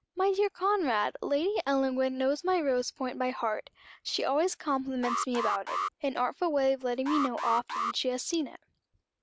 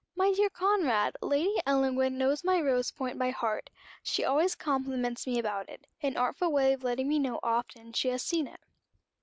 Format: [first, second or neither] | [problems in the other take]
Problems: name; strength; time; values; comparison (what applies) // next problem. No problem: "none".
second | background sound (Alarm); 5 dB below the speech